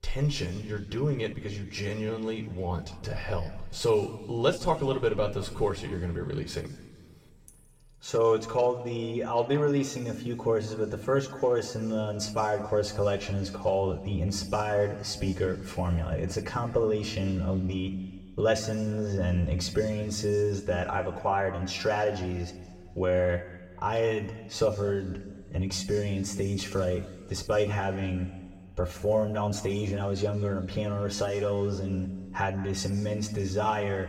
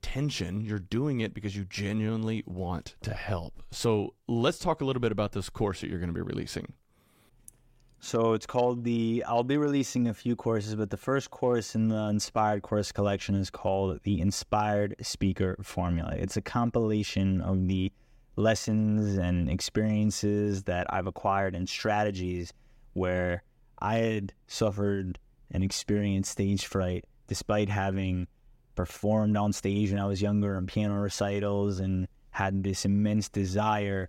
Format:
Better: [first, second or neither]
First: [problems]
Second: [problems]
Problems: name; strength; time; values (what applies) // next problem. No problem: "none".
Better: second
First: room echo; noticeable; dies away in 1.6 s // off-mic speech; somewhat distant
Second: none